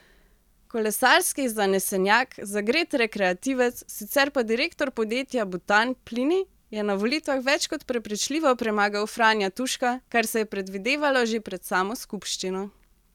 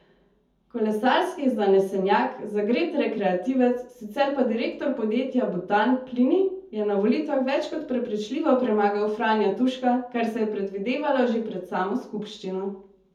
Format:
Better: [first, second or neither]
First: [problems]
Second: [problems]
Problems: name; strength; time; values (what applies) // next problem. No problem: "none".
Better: first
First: none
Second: room echo; dies away in 0.5 s